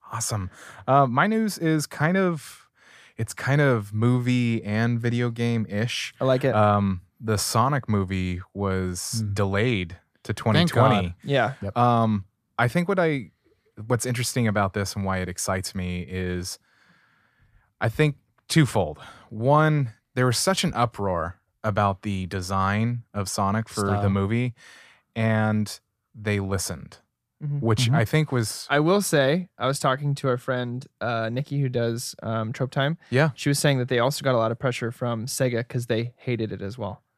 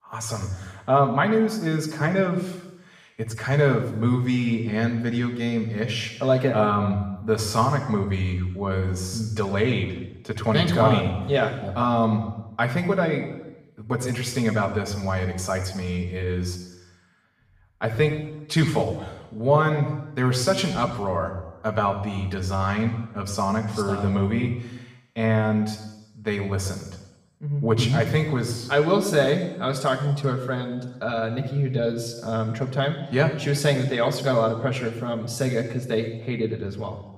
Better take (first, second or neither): first